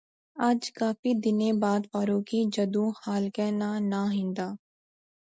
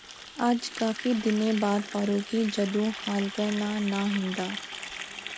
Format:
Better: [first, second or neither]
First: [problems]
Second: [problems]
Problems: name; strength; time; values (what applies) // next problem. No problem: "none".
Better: first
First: none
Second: background sound (Water tap, faucet); 11 dB below the speech